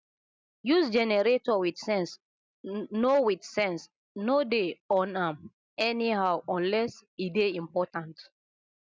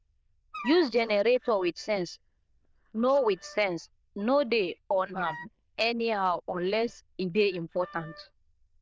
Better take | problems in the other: first | noise reduction (neural diffusion model UNIVERSE++)

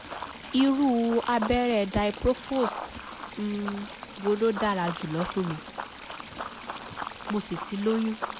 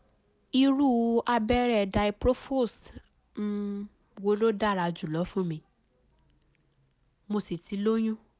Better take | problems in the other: second | background sound (Run + Stream / Trickle, dribble); 10 dB below the speech

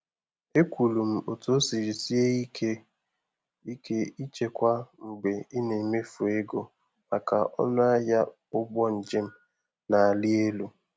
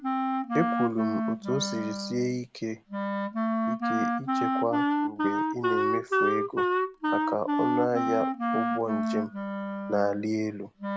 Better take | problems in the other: first | background sound (Wind instrument, woodwind instrument); 3 dB above the speech

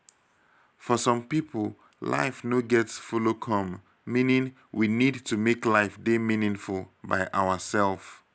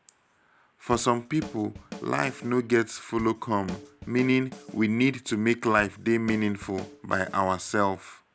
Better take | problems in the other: first | background sound (Drum / Drum kit); 16 dB below the speech

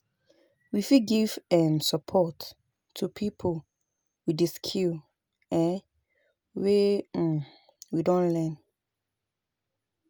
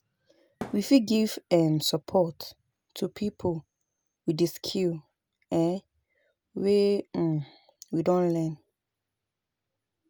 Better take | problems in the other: first | background sound (Thump, thud); 12 dB below the speech

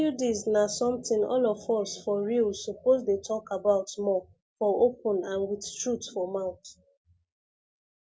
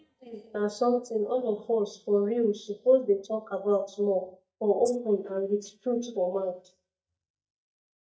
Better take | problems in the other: first | noise reduction (neural mask model DeepFilterNet 3)

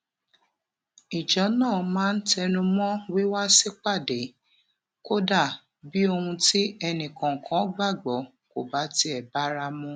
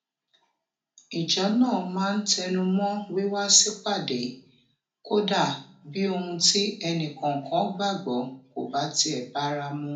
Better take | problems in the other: first | room echo; dies away in 0.4 s

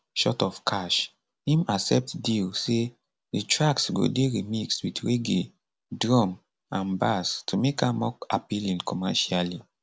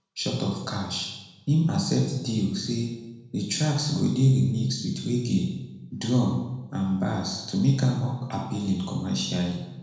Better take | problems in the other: first | room echo; dies away in 1 s

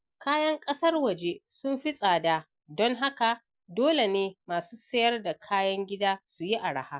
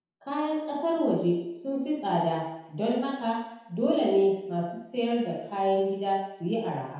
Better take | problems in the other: first | room echo; dies away in 0.9 s

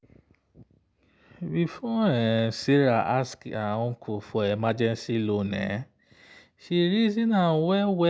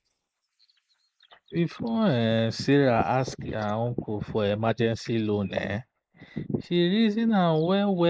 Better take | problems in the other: first | noise reduction (neural mask model Resemble Enhance denoiser)

